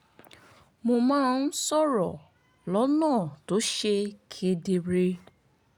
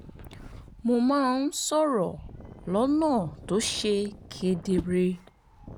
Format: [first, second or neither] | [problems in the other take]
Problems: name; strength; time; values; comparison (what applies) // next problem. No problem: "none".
first | background sound (Whoosh, swoosh, swish + Wind); 16 dB below the speech